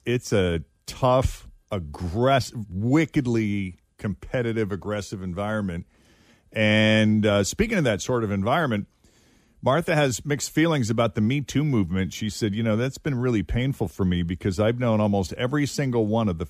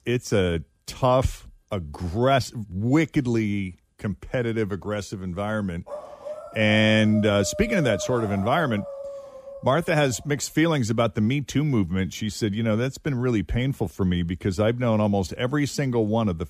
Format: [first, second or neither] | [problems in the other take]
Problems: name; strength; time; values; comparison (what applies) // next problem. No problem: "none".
first | dog barking; noticeable; from 6 to 10 s; peak 6 dB below the speech